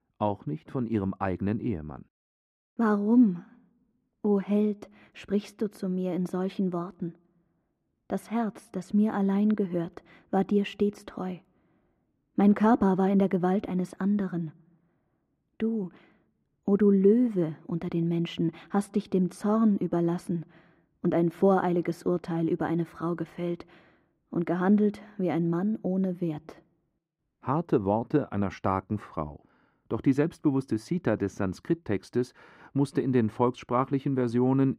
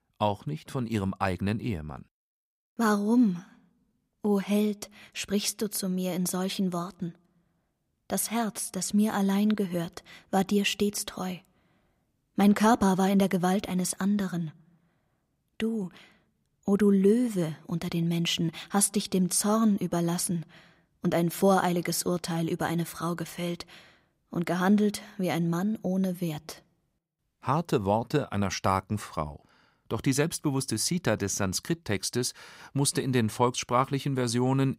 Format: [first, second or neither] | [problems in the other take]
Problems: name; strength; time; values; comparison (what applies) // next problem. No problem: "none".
second | muffled; very; fading above 3.5 kHz